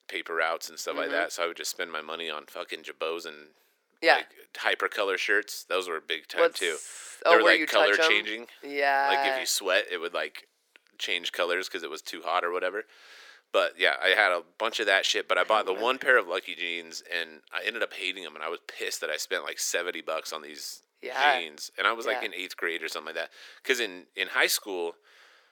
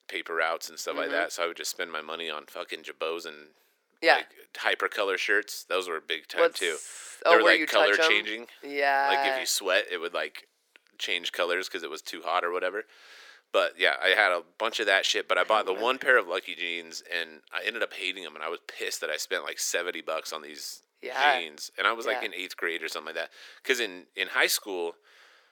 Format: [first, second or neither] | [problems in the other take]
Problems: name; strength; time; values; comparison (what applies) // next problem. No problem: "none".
neither | thin; very; fading below 350 Hz; the same in both